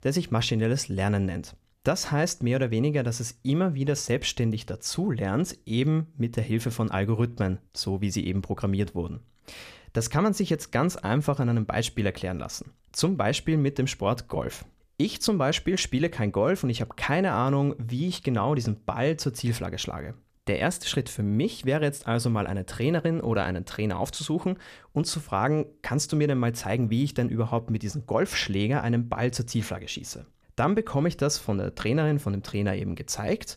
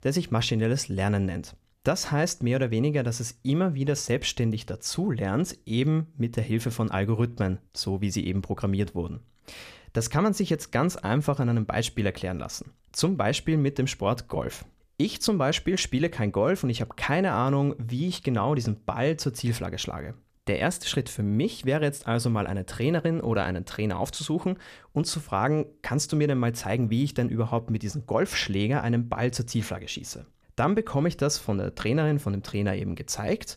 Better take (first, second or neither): neither